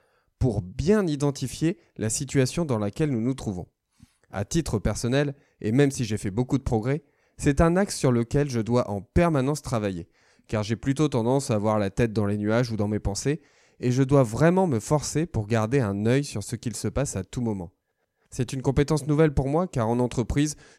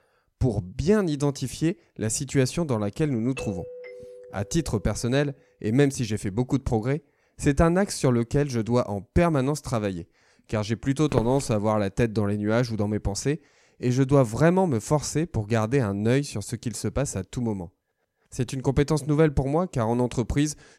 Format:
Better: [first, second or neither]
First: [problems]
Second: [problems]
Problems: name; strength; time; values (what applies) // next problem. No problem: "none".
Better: first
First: none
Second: doorbell; faint; from 3.5 to 5 s; peak 10 dB below the speech // footsteps; noticeable; at 11 s; peak 6 dB below the speech